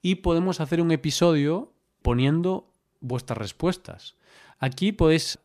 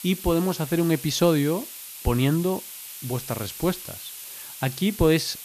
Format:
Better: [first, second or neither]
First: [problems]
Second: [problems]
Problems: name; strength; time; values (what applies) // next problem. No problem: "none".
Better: first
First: none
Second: hiss; noticeable; throughout; 10 dB below the speech